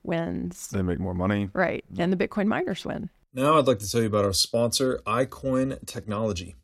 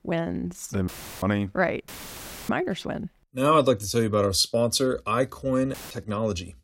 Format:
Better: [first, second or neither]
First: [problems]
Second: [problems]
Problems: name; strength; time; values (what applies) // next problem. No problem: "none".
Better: first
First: none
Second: audio cutting out; filled with static; at 1 s, at 2 s for 0.5 s and at 5.5 s